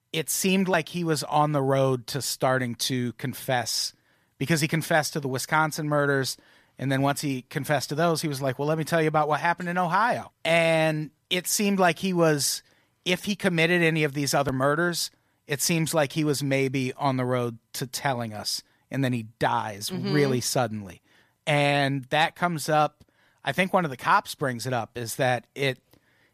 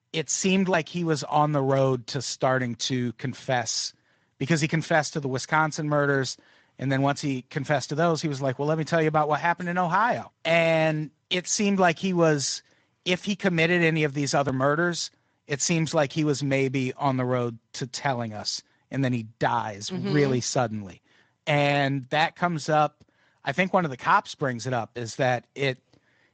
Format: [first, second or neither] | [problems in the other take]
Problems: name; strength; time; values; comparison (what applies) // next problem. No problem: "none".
first | garbled, watery; slightly; nothing above 7.5 kHz